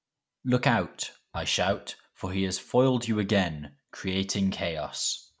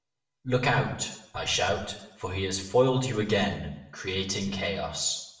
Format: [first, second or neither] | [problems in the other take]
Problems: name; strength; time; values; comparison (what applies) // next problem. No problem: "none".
first | room echo; dies away in 0.7 s